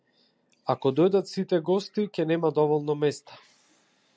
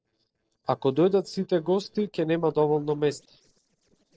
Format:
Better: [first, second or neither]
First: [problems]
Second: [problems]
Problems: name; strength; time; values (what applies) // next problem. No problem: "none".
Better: first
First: none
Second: noise reduction (neural separator model SepFormer DNS4)